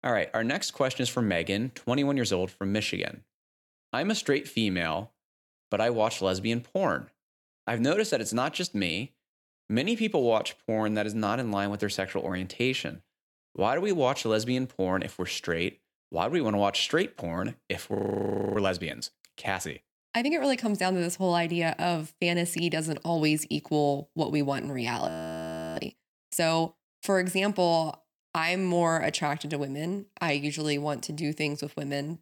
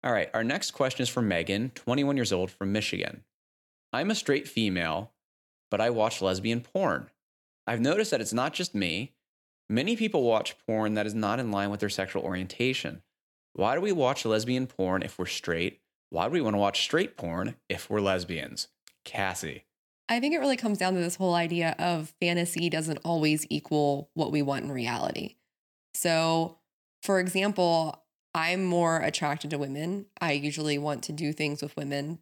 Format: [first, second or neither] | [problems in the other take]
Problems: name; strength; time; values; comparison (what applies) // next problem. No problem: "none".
second | audio freezing; at 18 s for 0.5 s and at 25 s for 0.5 s